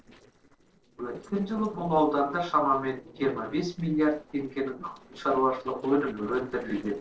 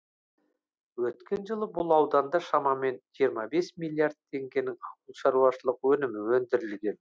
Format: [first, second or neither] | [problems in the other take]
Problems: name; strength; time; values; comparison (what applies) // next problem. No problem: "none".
second | noise reduction (neural separator model SepFormer DNS4)